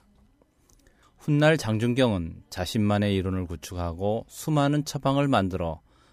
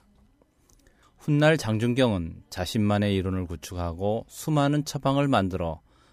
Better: neither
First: none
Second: none

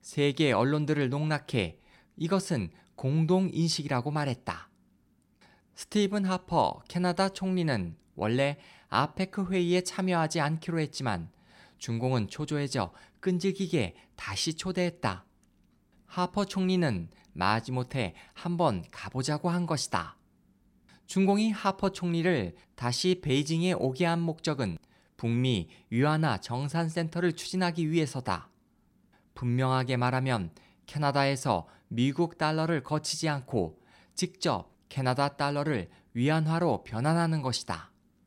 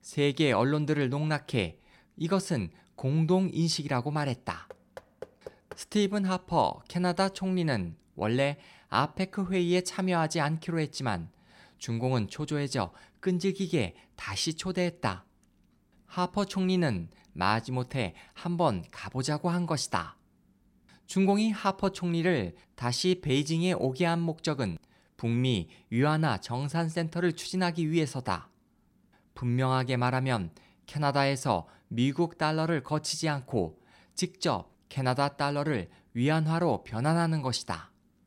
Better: first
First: none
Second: door banging; faint; from 4.5 to 5.5 s; peak 15 dB below the speech

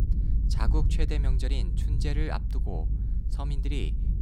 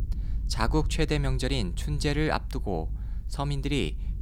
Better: second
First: low rumble; loud; throughout; 7 dB below the speech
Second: low rumble; faint; throughout; 20 dB below the speech

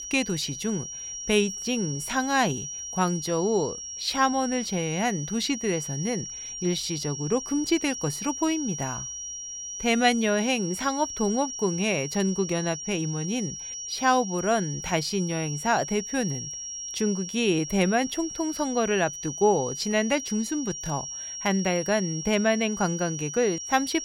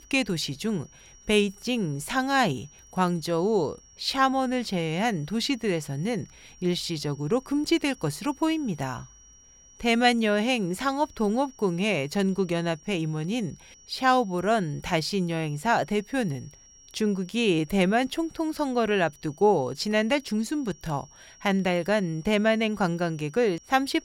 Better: second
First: high-pitched whine; loud; throughout; 5.5 kHz, 7 dB below the speech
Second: high-pitched whine; faint; throughout; 5.5 kHz, 25 dB below the speech

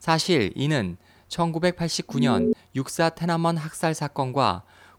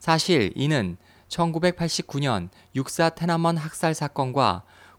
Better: second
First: alarm; loud; at 2 s; peak 2 dB above the speech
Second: none

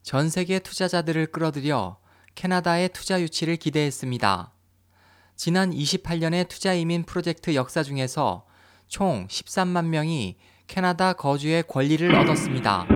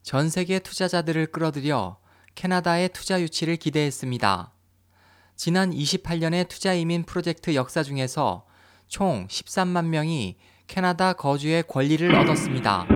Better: neither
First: phone ringing; loud; at 12 s; peak 4 dB above the speech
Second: phone ringing; loud; at 12 s; peak 4 dB above the speech

